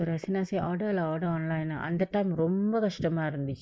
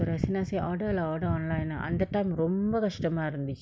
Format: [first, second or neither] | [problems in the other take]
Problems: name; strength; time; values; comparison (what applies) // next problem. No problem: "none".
second | noise reduction (neural mask model Resemble Enhance denoiser)